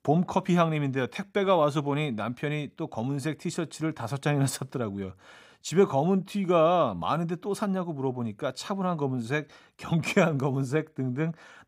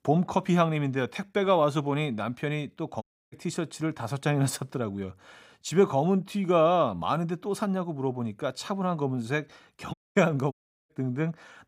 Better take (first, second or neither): first